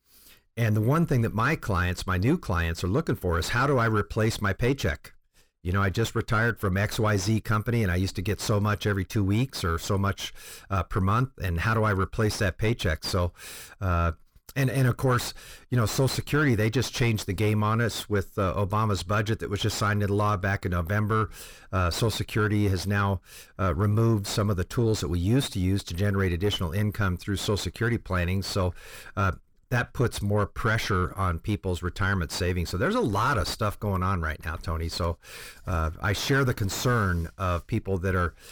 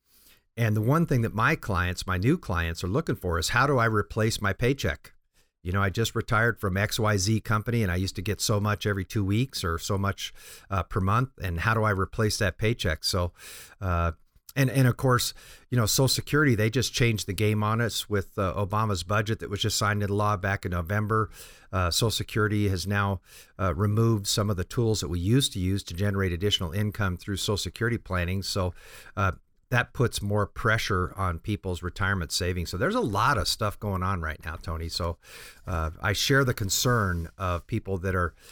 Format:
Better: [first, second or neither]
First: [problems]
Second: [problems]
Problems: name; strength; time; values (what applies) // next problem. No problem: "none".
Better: second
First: distortion; slight; 10 dB below the speech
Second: none